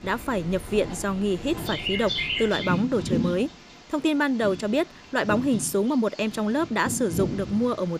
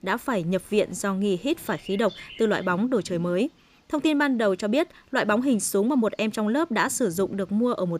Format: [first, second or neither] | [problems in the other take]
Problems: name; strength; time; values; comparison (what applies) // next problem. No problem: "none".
second | animal sounds; loud; throughout; 6 dB below the speech; faint in the second